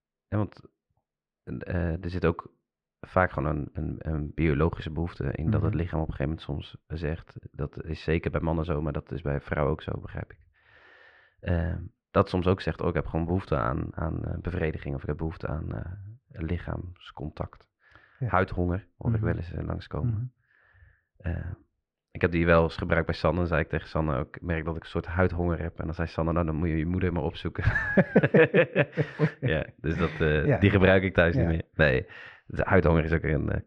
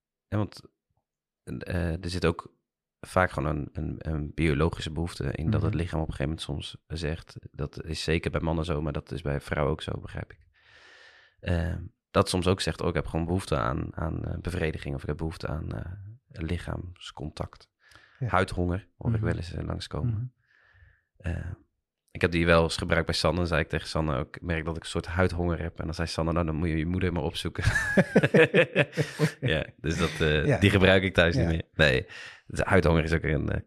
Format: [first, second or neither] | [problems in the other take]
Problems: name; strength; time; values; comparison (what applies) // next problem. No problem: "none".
second | muffled; slightly; fading above 2 kHz